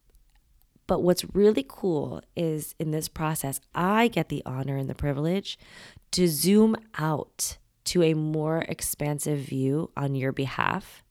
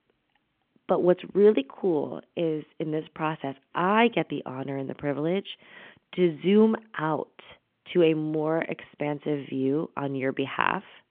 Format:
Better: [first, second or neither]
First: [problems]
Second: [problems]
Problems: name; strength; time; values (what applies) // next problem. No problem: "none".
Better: first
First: none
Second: phone-call audio